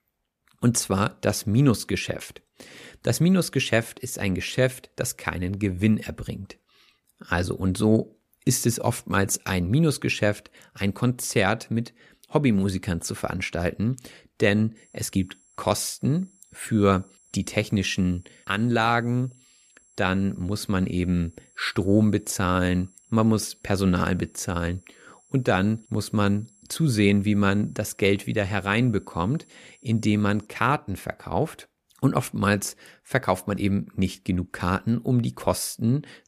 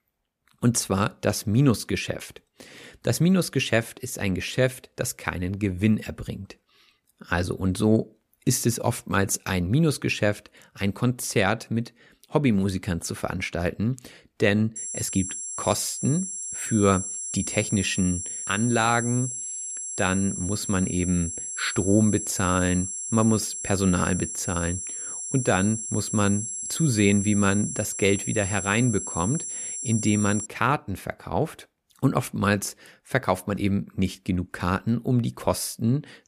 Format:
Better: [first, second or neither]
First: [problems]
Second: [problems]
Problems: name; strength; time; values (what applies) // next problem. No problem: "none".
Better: first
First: high-pitched whine; faint; from 15 to 30 s; 7.5 kHz, 30 dB below the speech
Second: high-pitched whine; loud; from 15 to 30 s; 7.5 kHz, 5 dB below the speech